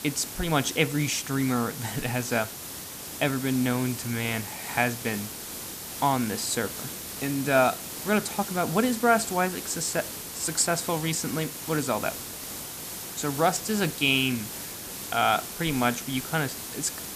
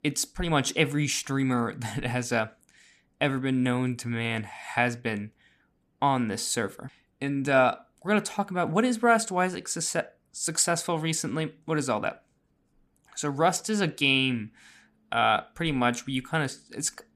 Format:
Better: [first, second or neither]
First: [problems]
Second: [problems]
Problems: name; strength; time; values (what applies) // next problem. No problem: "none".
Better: second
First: hiss; loud; throughout; 8 dB below the speech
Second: none